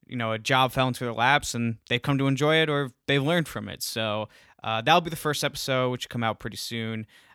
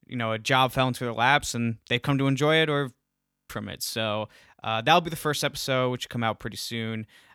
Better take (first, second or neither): first